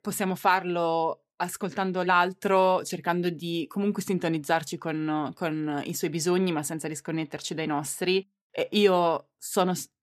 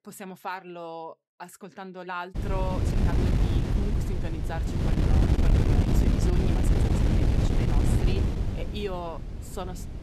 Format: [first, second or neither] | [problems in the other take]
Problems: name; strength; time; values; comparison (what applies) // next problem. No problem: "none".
first | wind noise on the microphone; heavy; from 2.5 s on; 3 dB above the speech